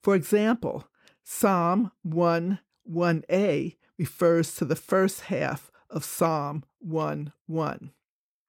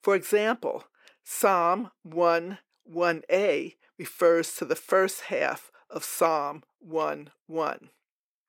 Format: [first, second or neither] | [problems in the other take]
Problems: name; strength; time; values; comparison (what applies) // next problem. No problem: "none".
first | thin; somewhat; fading below 450 Hz